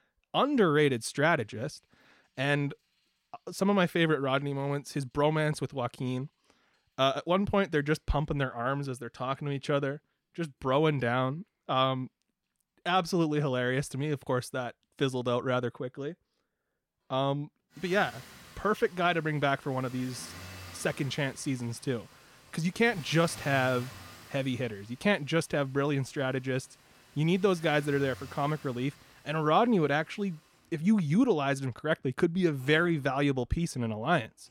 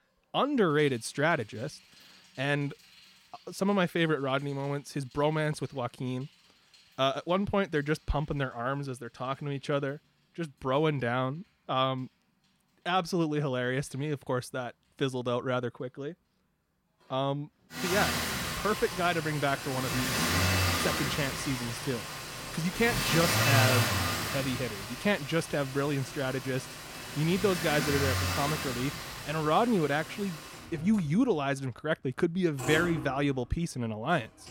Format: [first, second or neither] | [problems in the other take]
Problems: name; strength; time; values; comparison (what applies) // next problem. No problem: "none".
first | traffic noise; loud; throughout; 1 dB below the speech; faint in the first